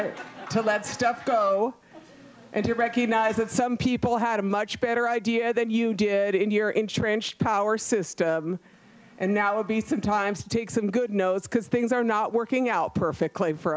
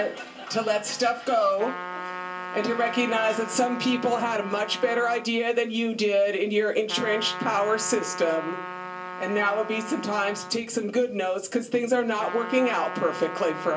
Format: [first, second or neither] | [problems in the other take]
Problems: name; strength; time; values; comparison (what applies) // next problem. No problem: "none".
first | background sound (Trumpet); 11 dB below the speech // room echo; dies away in 0.2 s